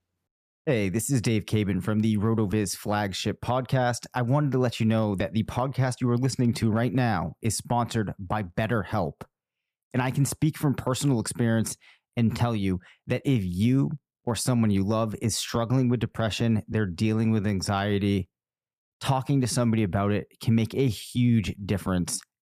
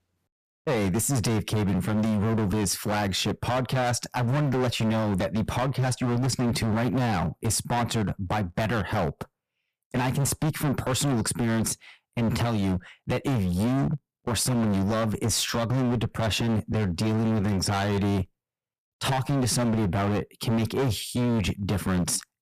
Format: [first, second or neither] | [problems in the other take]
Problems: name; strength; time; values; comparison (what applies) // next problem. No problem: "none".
first | distortion; heavy; 25% of the sound clipped